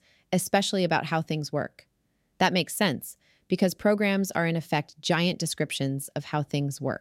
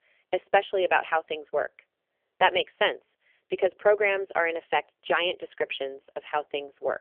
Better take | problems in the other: first | phone-call audio; poor line; nothing above 3 kHz

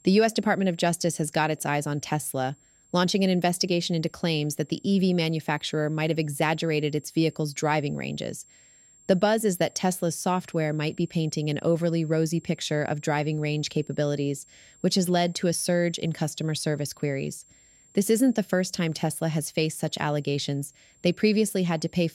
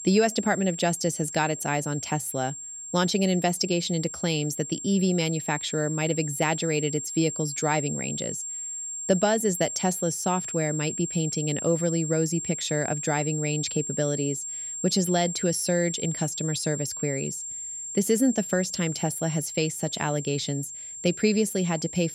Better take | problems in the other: first | high-pitched whine; loud; throughout; 7.5 kHz, 6 dB below the speech; faint in the first

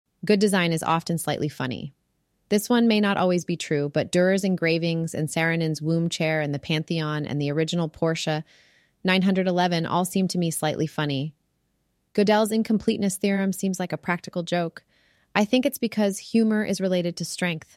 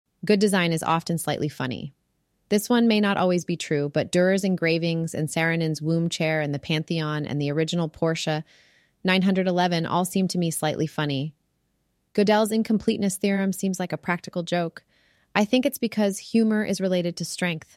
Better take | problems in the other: neither | none

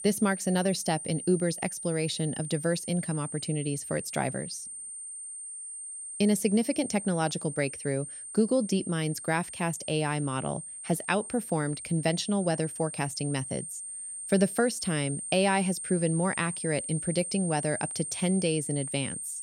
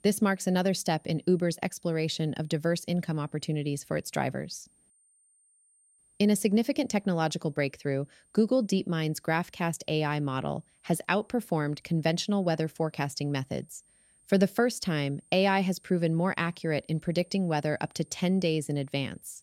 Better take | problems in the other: second | high-pitched whine; loud; throughout; 8.5 kHz, 7 dB below the speech; faint in the second

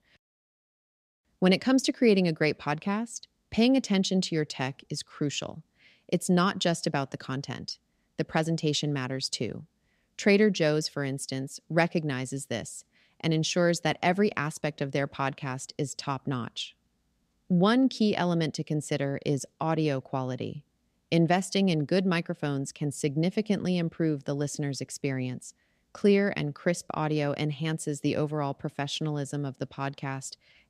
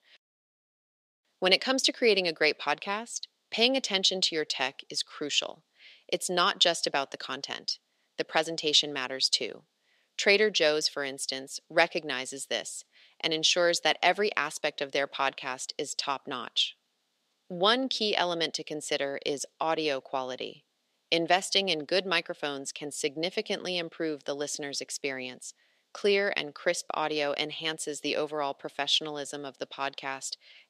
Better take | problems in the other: first | thin; somewhat; fading below 500 Hz

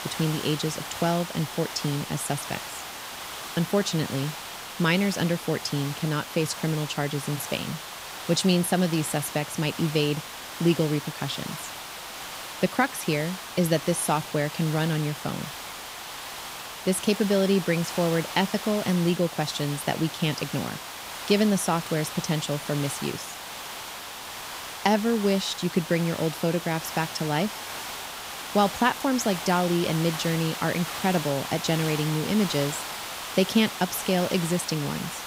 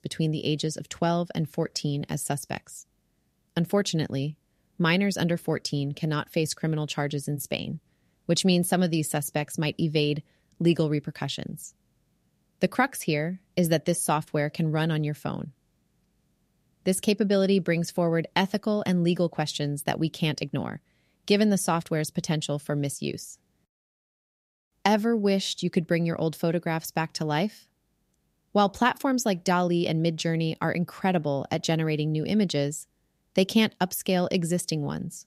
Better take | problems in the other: second | hiss; loud; throughout; 8 dB below the speech

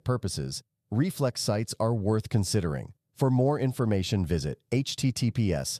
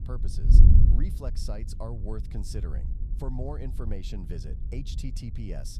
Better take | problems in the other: first | wind noise on the microphone; heavy; 2 dB below the speech

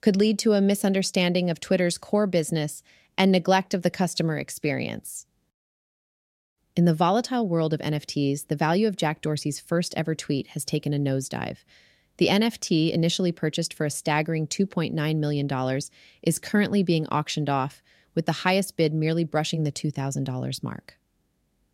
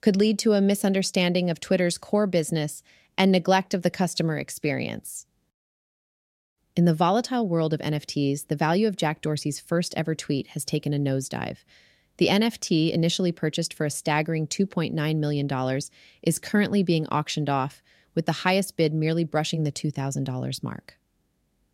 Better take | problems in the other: neither | none

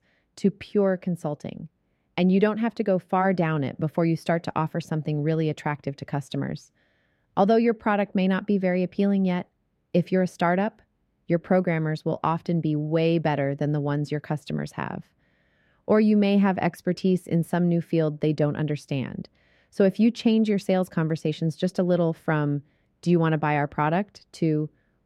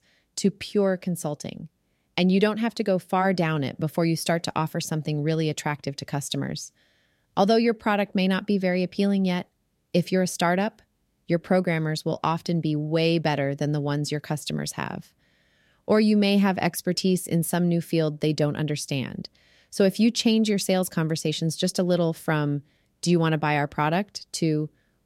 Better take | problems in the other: second | muffled; slightly; fading above 3.5 kHz

